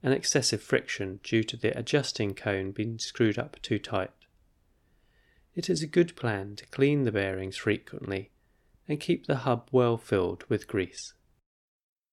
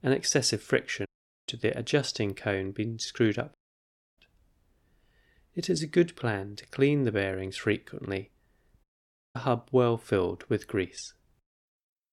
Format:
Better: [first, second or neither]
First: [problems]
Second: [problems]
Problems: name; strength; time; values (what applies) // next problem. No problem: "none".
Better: first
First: none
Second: audio cutting out; at 1 s, at 3.5 s for 0.5 s and at 9 s for 0.5 s